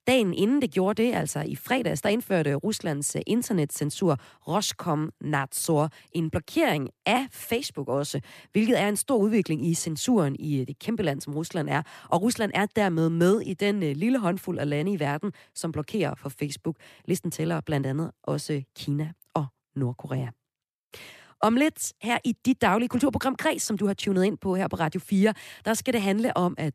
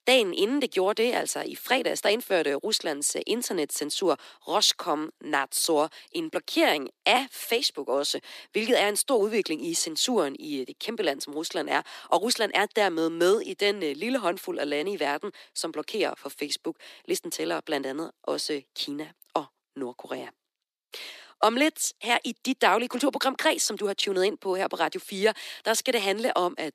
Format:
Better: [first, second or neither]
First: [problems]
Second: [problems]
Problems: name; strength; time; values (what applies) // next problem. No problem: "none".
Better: first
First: none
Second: thin; somewhat; fading below 300 Hz